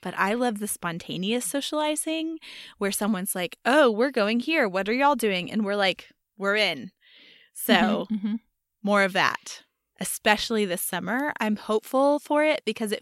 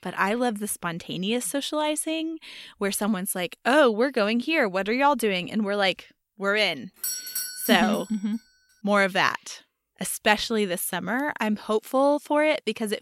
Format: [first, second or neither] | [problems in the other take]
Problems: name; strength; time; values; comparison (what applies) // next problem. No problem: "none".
first | doorbell; noticeable; at 7 s; peak 3 dB below the speech